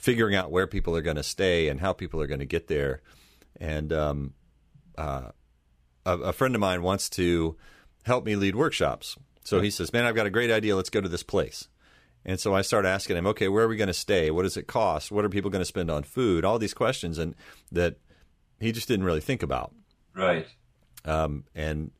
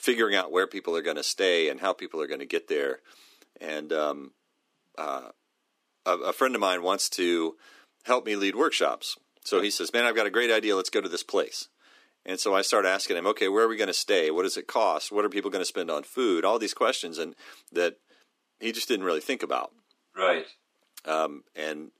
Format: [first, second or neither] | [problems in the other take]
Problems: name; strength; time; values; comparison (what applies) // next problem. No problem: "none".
first | thin; somewhat; fading below 250 Hz